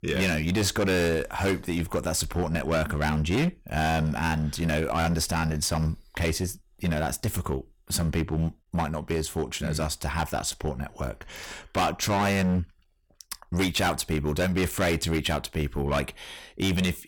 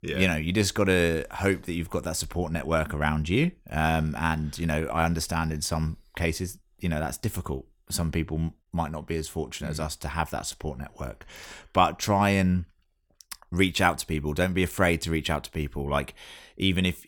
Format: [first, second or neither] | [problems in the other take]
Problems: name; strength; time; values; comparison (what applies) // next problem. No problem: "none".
second | distortion; heavy; 13% of the sound clipped